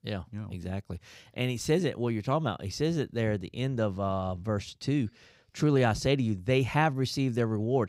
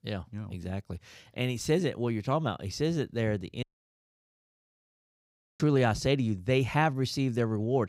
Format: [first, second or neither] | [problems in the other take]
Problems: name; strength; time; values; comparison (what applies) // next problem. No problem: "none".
first | audio cutting out; at 3.5 s for 2 s